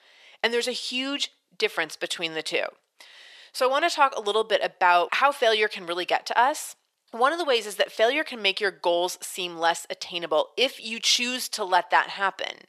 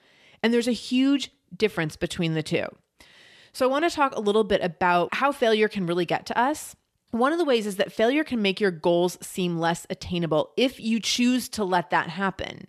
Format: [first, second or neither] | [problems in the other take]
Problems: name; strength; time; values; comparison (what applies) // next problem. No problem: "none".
second | thin; very; fading below 650 Hz